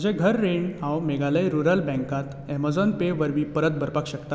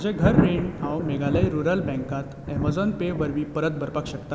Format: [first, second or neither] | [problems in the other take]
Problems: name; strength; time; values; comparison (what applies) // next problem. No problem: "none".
first | background sound (Thunder); 2 dB below the speech